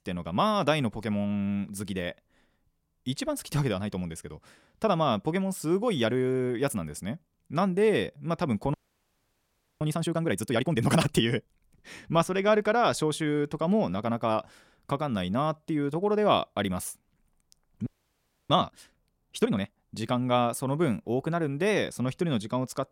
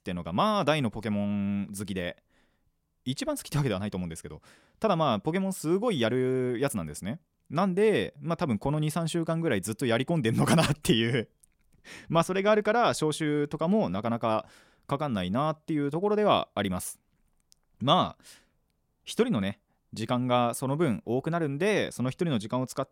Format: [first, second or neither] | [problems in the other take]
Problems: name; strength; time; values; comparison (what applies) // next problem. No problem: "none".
second | audio freezing; at 8.5 s for 1 s and at 18 s for 0.5 s